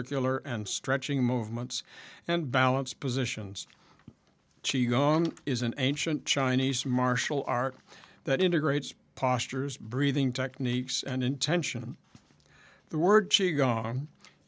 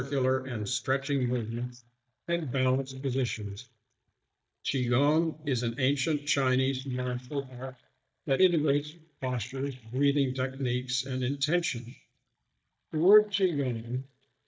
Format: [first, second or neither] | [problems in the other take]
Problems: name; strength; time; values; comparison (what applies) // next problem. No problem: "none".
first | noise reduction (neural mask model DeepFilterNet 3)